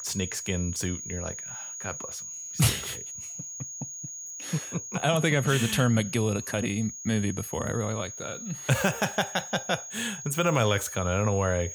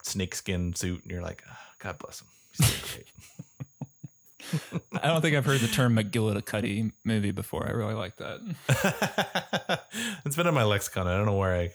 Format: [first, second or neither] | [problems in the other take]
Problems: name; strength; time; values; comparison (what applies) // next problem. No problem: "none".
second | high-pitched whine; loud; throughout; 6.5 kHz, 9 dB below the speech; faint in the second